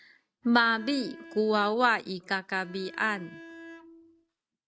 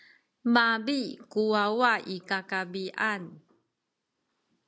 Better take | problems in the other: second | noise reduction (neural mask model RNNoise)

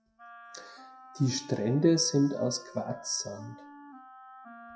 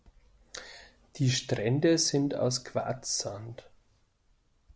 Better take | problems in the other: second | noise reduction (classical method WPE with log-MMSE)

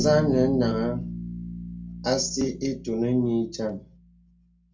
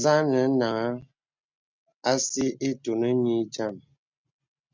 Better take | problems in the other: second | background sound (Bass guitar); 8 dB below the speech // room echo; dies away in 0.2 s

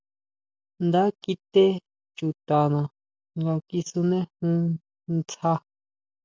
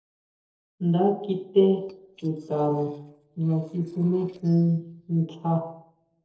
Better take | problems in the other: first | noise reduction (neural separator model SepFormer DNS4)

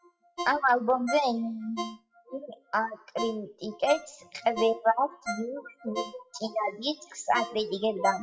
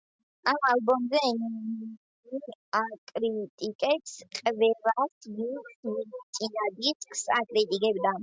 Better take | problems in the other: second | noise reduction (classical method WPE with log-MMSE)

